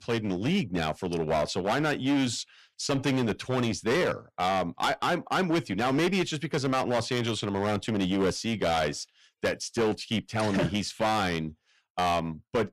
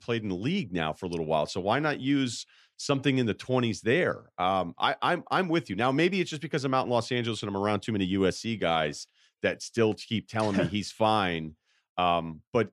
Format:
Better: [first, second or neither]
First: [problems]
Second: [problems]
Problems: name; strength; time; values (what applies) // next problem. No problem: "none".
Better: second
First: distortion; heavy; 13% of the sound clipped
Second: none